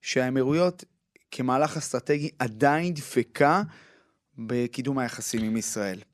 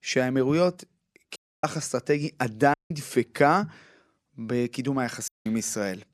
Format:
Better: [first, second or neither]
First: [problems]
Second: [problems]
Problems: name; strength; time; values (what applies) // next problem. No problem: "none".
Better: first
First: none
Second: audio cutting out; at 1.5 s, at 2.5 s and at 5.5 s